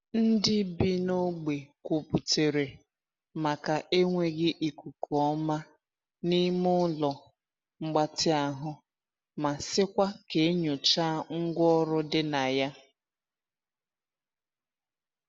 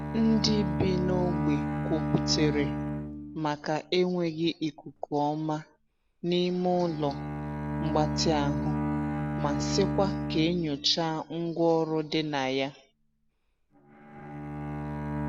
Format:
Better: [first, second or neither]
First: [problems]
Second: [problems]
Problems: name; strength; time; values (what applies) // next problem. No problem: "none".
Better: first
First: none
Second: background sound (Bowed string instrument); 3 dB below the speech